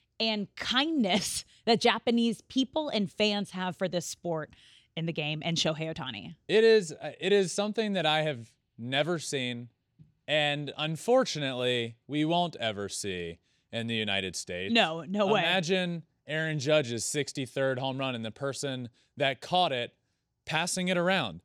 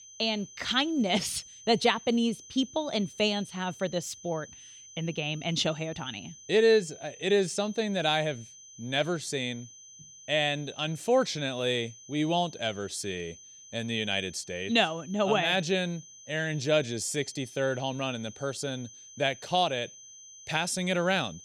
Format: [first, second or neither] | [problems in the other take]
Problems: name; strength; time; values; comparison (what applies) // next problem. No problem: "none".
first | high-pitched whine; noticeable; throughout; 6 kHz, 20 dB below the speech